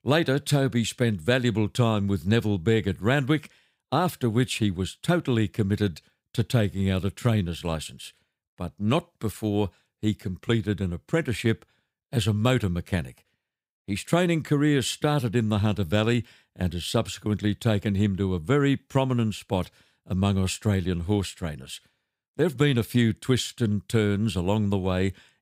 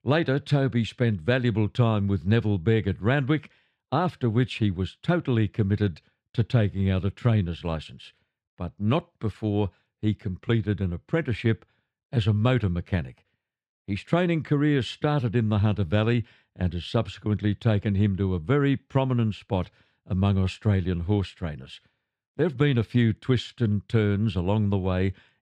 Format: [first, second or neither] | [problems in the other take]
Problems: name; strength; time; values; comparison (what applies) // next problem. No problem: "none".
first | muffled; slightly; fading above 3.5 kHz